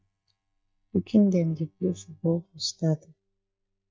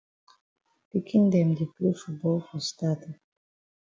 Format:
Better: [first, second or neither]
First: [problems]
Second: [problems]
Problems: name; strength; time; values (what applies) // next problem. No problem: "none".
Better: second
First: noise reduction (neural mask model DeepFilterNet 3)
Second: none